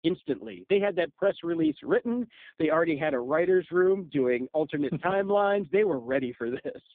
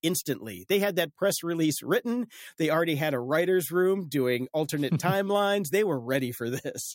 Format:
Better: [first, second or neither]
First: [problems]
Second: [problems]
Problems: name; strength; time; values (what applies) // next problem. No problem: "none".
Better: second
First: phone-call audio; poor line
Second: none